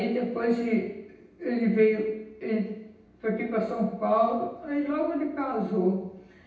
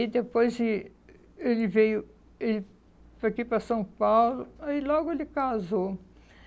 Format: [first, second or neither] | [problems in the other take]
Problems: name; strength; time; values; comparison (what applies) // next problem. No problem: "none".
second | room echo; dies away in 0.9 s